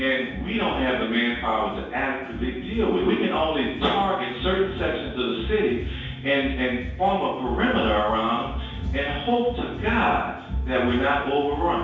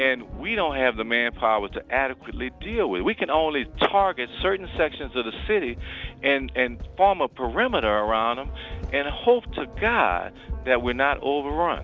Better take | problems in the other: second | room echo; dies away in 0.6 s

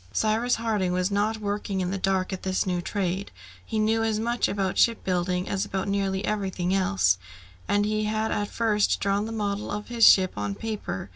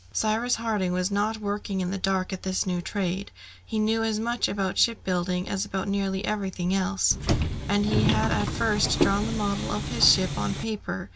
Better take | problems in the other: first | background sound (Subway, metro, underground); 1 dB below the speech

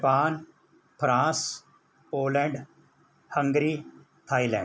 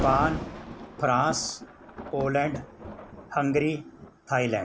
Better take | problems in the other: first | background sound (Thunder); 9 dB below the speech

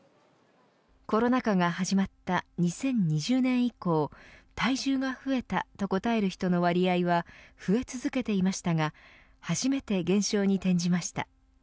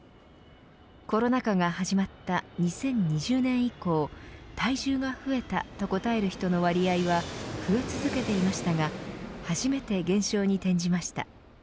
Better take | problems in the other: first | background sound (Fixed-wing aircraft, airplane); 12 dB below the speech

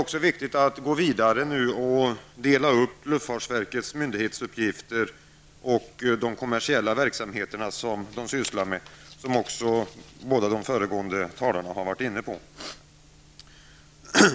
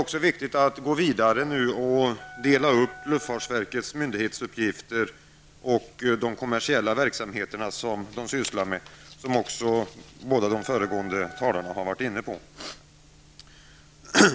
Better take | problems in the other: first | background sound (Wind instrument, woodwind instrument); 18 dB below the speech

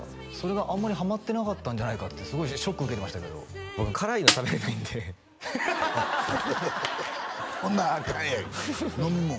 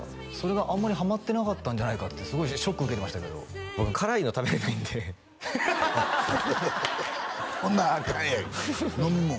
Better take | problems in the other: second | background sound (Snare drum); 5 dB above the speech

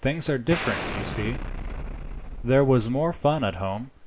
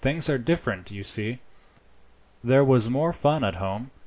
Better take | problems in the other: second | background sound (Explosion); 8 dB below the speech

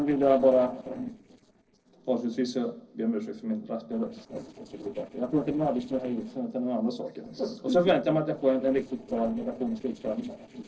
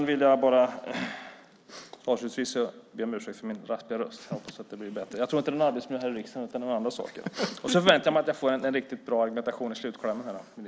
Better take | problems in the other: second | noise reduction (neural separator model SepFormer DNS4)

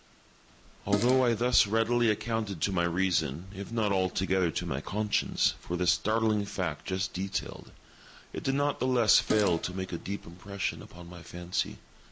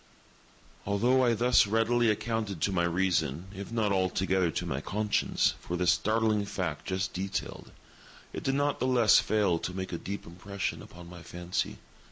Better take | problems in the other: second | background sound (Fart); 9 dB below the speech

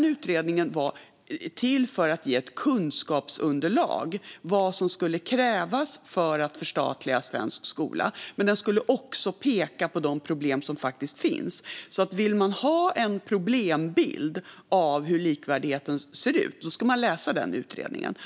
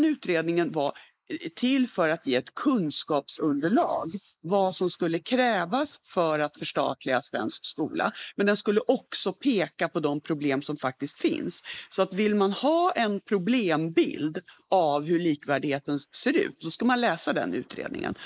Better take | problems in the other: first | noise reduction (neural mask model Resemble Enhance denoiser)

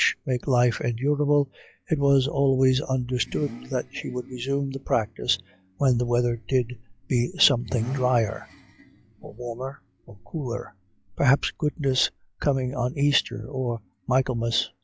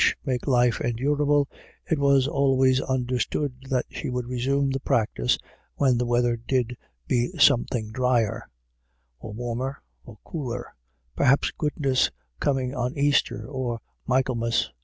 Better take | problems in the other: second | noise reduction (classical method log-MMSE)

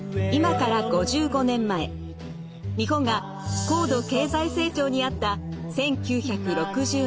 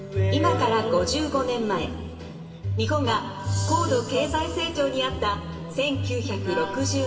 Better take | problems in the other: first | room echo; dies away in 2.3 s

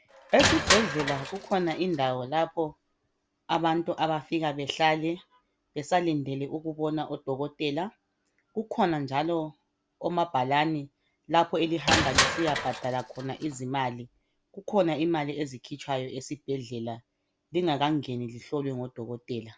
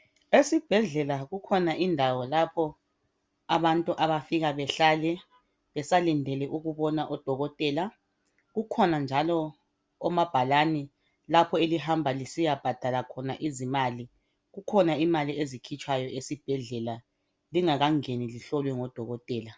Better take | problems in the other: second | background sound (Crushing); 2 dB below the speech

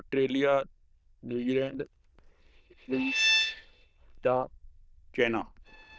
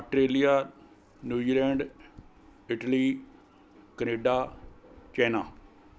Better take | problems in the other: second | noise reduction (neural diffusion model UNIVERSE++)

